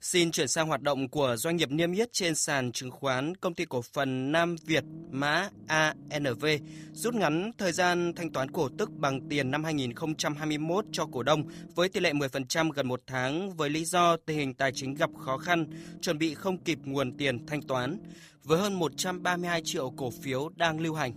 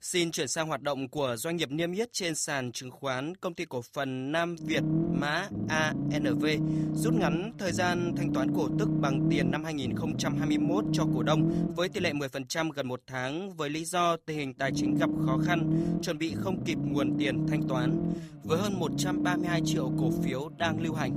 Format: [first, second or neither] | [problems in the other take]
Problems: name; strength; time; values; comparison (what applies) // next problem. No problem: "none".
first | low rumble; loud; from 4.5 to 12 s and from 15 s on; 3 dB below the speech; faint in the first